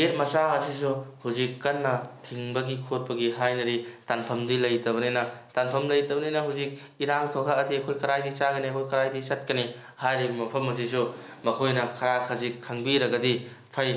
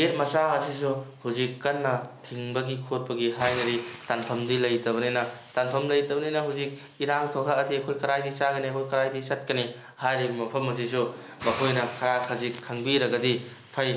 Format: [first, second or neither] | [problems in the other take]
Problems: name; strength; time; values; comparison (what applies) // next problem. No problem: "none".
first | background sound (Hiss); 18 dB below the speech